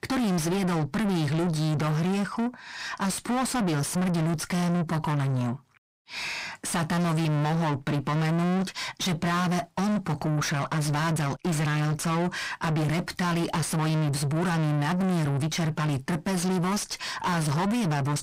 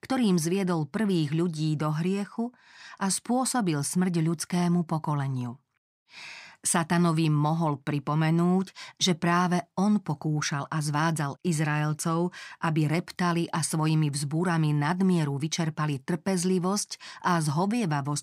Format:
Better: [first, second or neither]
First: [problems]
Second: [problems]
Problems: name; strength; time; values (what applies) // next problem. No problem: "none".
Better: second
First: distortion; heavy; 6 dB below the speech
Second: none